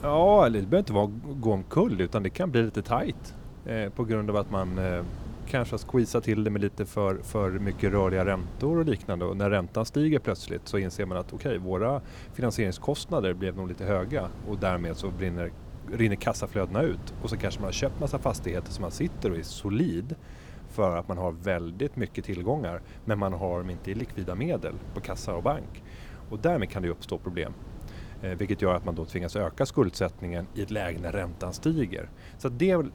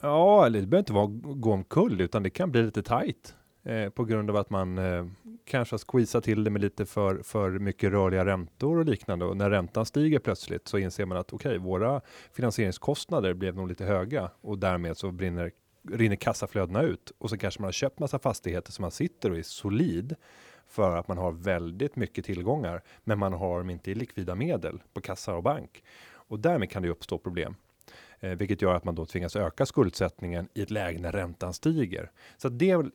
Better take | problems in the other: second | wind noise on the microphone; occasional gusts; 20 dB below the speech

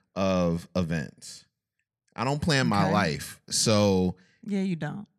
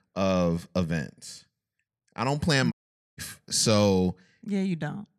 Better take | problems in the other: first | audio cutting out; at 2.5 s

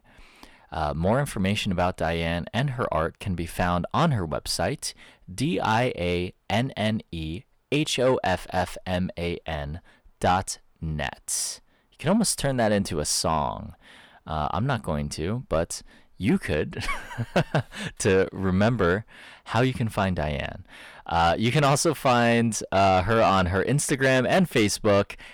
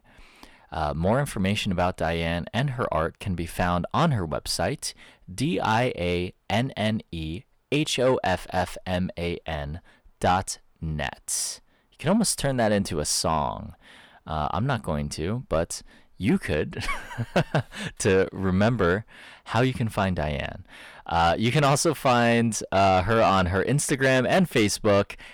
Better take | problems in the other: neither | distortion; slight; 10 dB below the speech; the same in both

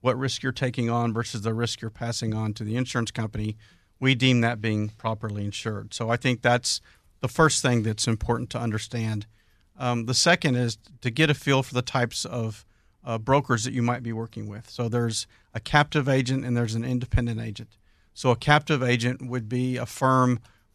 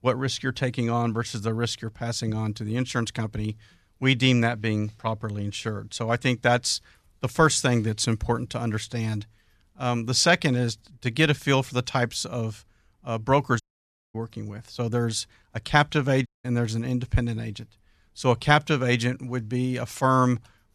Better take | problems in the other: first | audio cutting out; at 14 s for 0.5 s and at 16 s

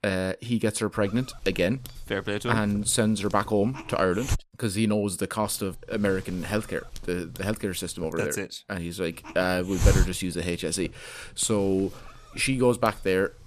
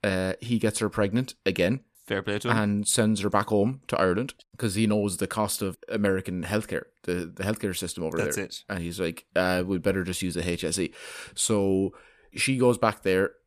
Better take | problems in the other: second | hiss; loud; from 1 to 4.5 s, from 5.5 to 8 s and from 9 s on; 8 dB below the speech

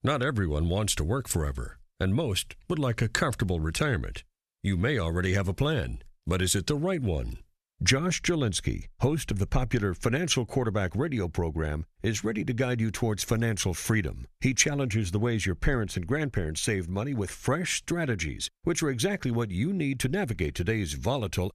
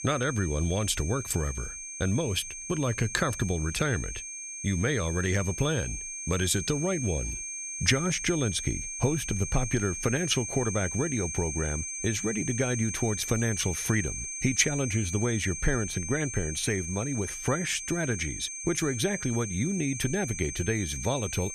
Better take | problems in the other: first | high-pitched whine; loud; throughout; 6.5 kHz, 5 dB below the speech

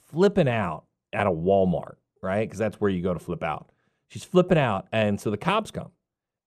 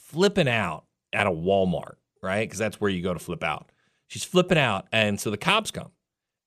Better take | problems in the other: second | muffled; slightly; fading above 1.5 kHz

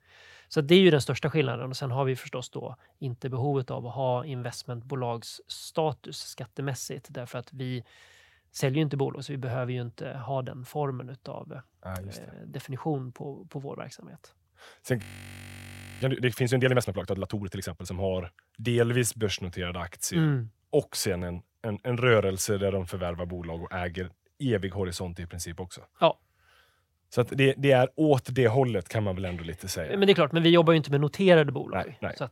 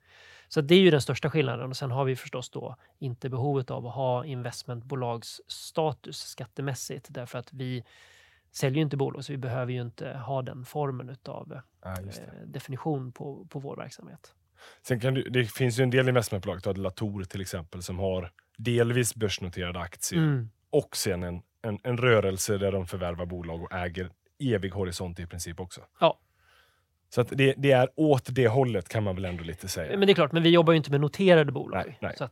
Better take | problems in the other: second | audio freezing; at 15 s for 1 s

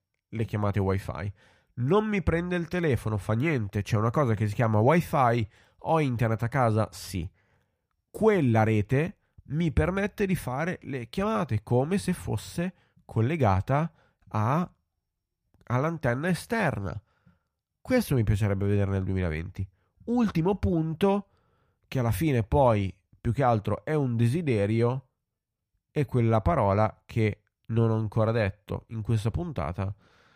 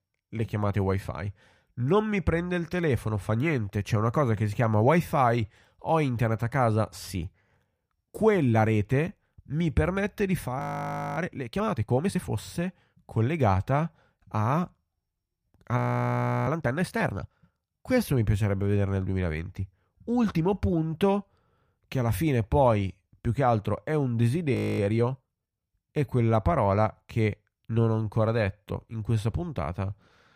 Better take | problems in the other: first | audio freezing; at 11 s for 0.5 s, at 16 s for 0.5 s and at 25 s

